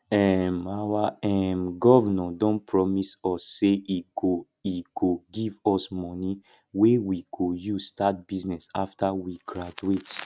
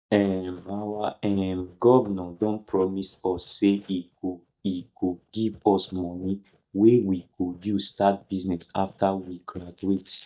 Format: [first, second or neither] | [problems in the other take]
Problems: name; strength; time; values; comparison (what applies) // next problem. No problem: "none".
first | noise reduction (neural mask model DeepFilterNet 3)